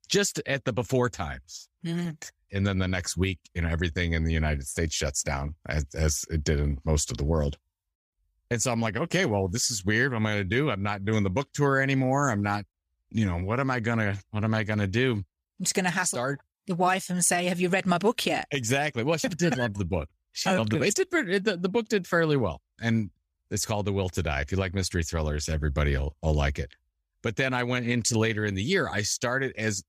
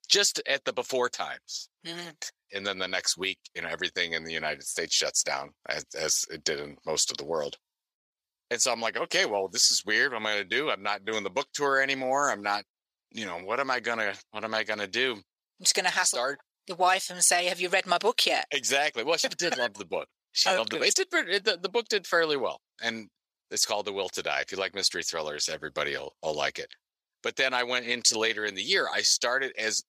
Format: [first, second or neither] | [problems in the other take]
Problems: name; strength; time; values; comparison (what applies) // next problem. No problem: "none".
first | thin; very; fading below 550 Hz